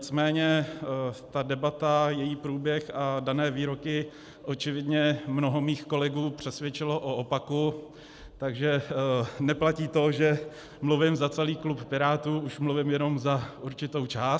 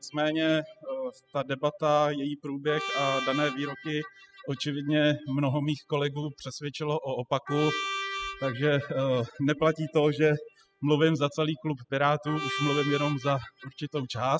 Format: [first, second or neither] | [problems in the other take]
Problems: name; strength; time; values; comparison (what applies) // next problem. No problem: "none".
first | noise reduction (classical method spectral subtraction)